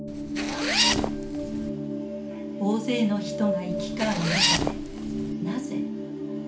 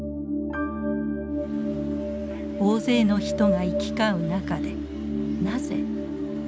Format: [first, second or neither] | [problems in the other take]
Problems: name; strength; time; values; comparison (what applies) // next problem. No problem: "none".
second | background sound (Zipper (clothing)); as loud as the speech // room echo; dies away in 0.4 s